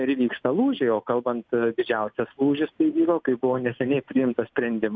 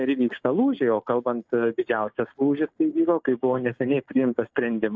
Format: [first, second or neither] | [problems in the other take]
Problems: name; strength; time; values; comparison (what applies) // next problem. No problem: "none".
first | noise reduction (neural mask model DeepFilterNet 3)